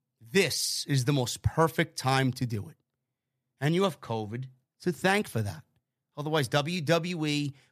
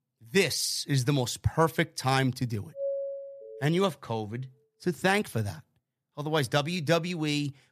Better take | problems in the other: first | doorbell; noticeable; at 3 s; peak 4 dB below the speech

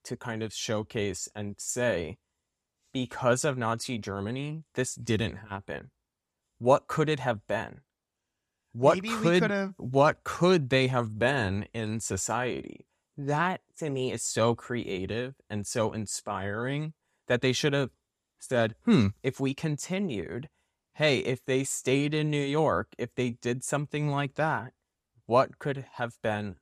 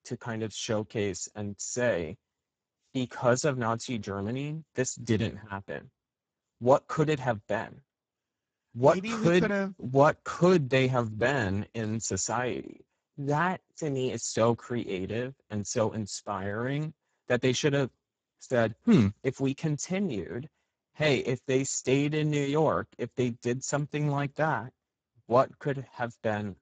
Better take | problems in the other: first | garbled, watery; badly; nothing above 7.5 kHz

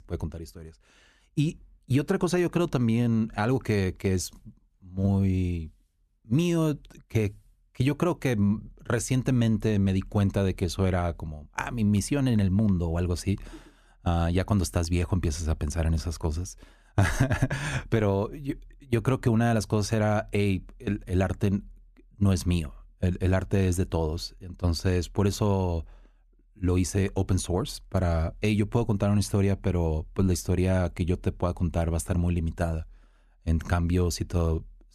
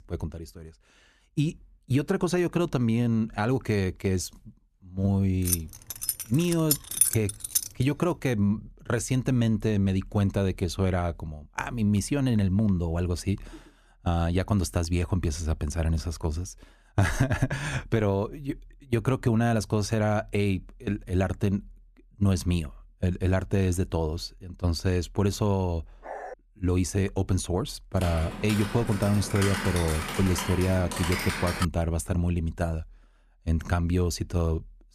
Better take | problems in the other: first | jangling keys; loud; from 5.5 to 7.5 s; peak 5 dB above the speech // dog barking; faint; at 26 s; peak 10 dB below the speech // keyboard typing; noticeable; from 28 to 32 s; peak 2 dB below the speech

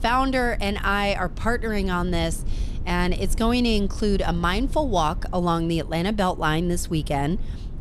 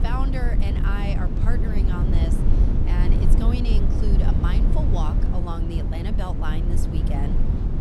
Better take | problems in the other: first | low rumble; loud; throughout; 1 dB below the speech; faint in the first

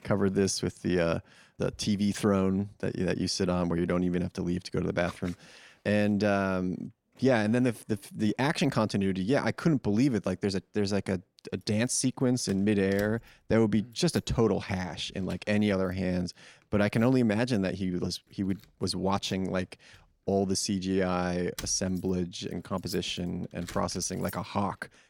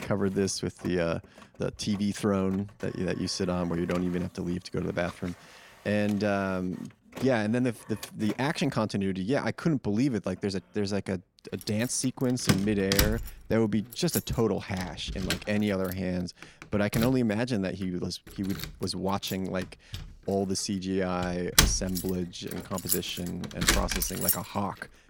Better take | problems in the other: first | household noises; loud; throughout; 1 dB below the speech; faint in the first

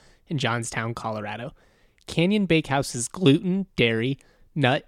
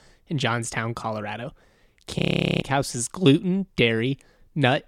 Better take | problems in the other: first | audio freezing; at 2 s

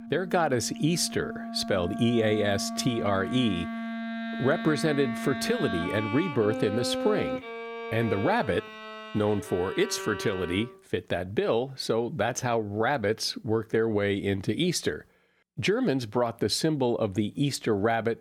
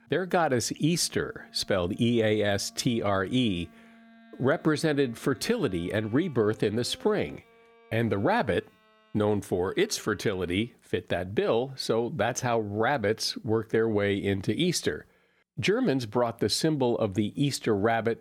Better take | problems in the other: second | background music; loud; until 11 s; 8 dB below the speech; faint in the second

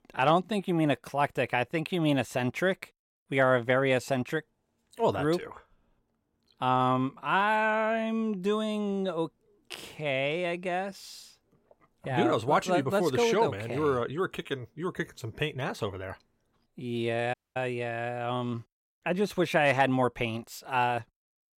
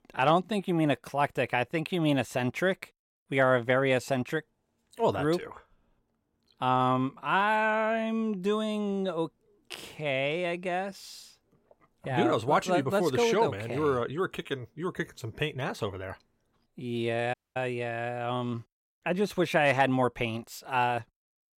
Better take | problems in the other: neither | audio cutting out; at 17 s; the same in both

